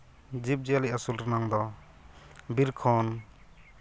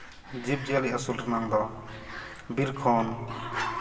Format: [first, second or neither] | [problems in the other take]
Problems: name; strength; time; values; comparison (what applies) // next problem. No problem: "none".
first | background sound (Growling); 10 dB below the speech // room echo; dies away in 2.4 s